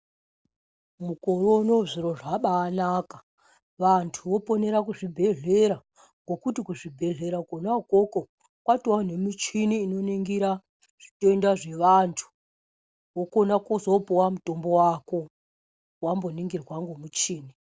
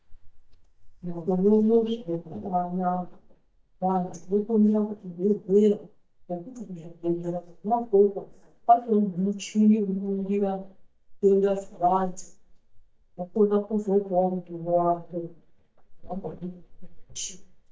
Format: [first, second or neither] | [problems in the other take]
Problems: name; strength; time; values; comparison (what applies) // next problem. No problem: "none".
first | noise reduction (neural mask model DeepFilterNet 3)